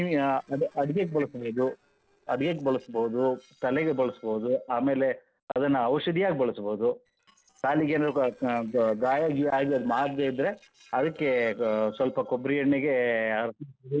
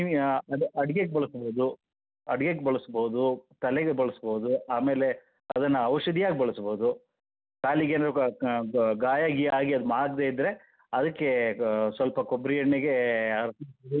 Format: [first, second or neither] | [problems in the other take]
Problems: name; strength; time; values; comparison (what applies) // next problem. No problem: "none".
second | noise reduction (neural separator model SepFormer DNS4)